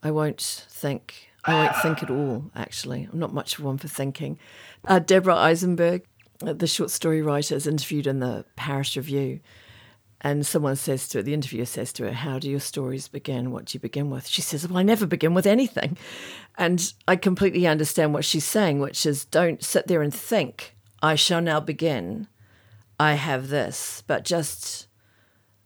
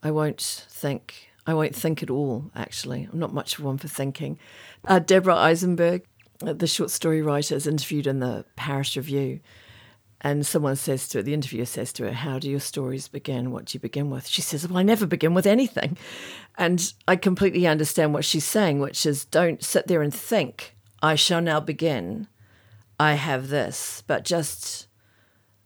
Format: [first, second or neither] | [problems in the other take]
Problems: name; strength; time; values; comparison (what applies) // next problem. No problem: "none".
second | alarm; loud; at 1.5 s; peak 2 dB above the speech